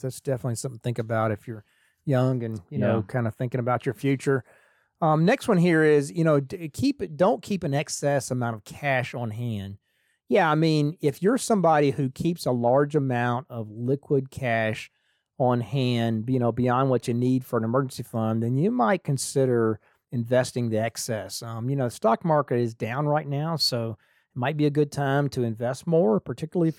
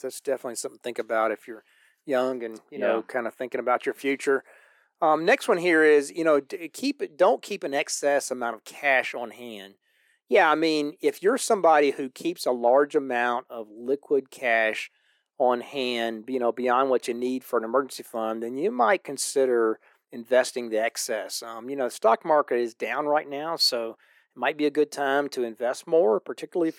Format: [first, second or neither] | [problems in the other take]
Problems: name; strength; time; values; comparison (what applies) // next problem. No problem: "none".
first | thin; somewhat; fading below 300 Hz